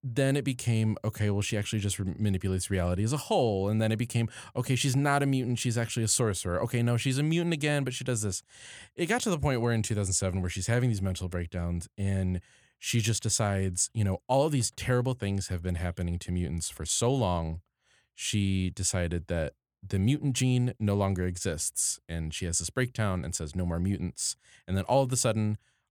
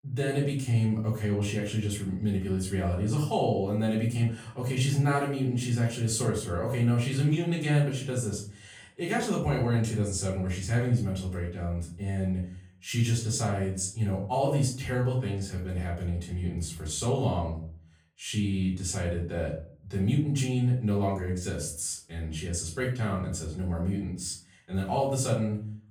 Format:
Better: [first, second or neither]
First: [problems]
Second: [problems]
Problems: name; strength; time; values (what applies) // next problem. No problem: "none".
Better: first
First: none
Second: off-mic speech; far // room echo; slight; dies away in 0.4 s